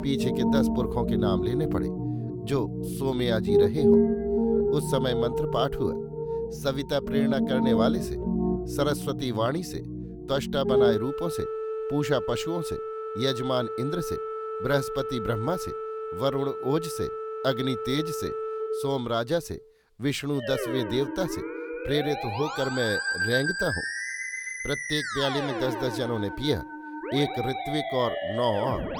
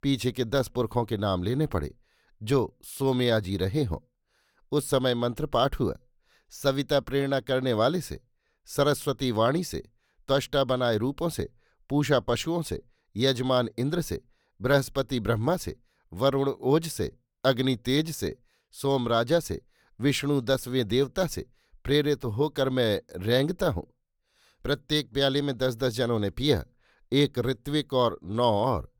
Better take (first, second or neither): second